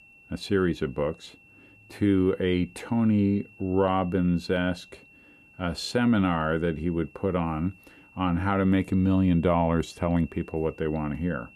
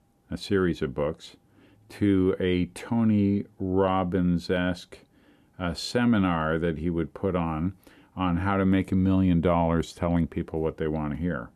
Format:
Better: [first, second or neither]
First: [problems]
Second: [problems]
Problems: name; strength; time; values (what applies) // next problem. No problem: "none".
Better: second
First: high-pitched whine; faint; throughout; 2.5 kHz, 25 dB below the speech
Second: none